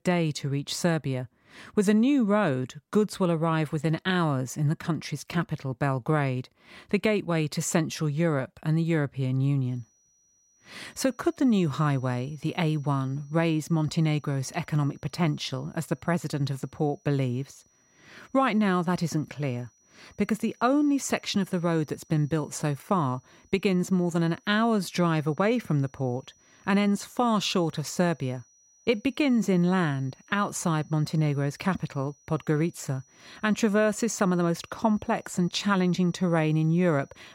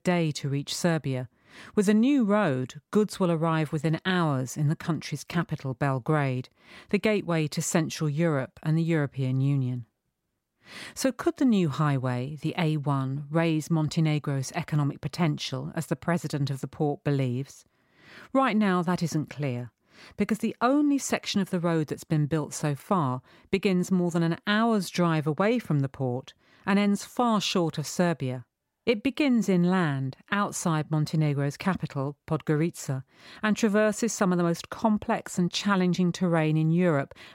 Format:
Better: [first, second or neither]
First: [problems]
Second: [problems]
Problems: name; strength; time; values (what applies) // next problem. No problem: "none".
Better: second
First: high-pitched whine; faint; from 9.5 s on; 6 kHz, 35 dB below the speech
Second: none